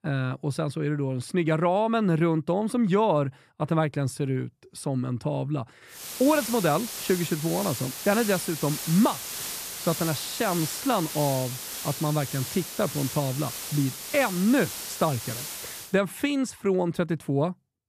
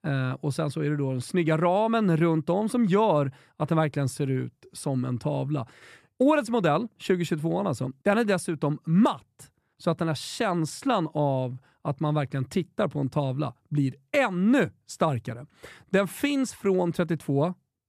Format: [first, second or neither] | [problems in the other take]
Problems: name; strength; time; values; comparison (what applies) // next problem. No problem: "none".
second | hiss; loud; from 6 to 16 s; 6 dB below the speech